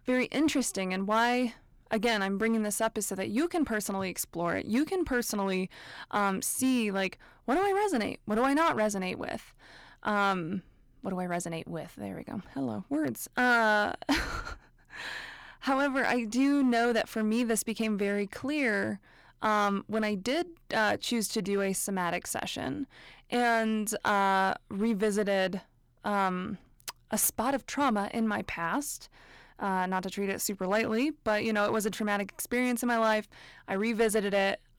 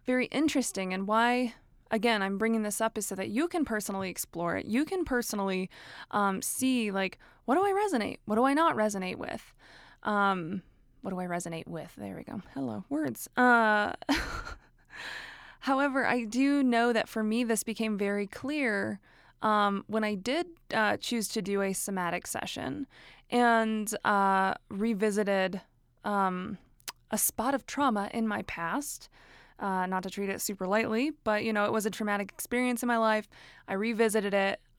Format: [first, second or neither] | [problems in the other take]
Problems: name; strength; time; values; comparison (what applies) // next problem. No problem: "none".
second | distortion; slight; 4% of the sound clipped